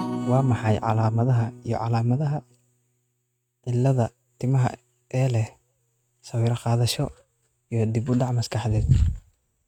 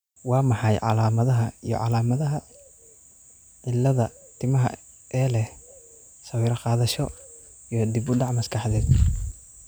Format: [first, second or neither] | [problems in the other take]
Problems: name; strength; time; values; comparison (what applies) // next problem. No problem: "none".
second | noise reduction (neural mask model RNNoise)